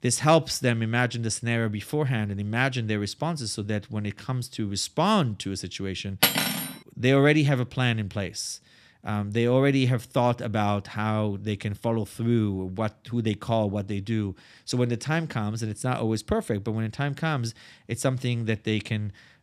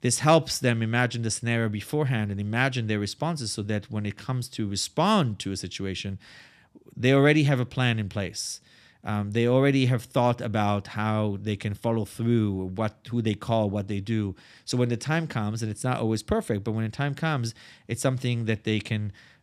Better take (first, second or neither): second